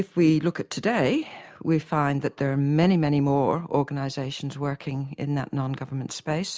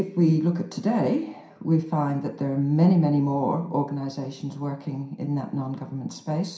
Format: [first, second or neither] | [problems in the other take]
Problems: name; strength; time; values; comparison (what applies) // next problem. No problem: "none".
first | room echo; dies away in 0.5 s